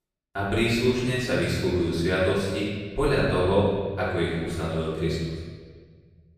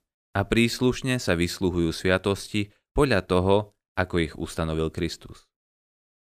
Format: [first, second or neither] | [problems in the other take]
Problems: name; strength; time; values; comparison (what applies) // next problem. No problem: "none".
second | off-mic speech; far // room echo; strong; dies away in 1.5 s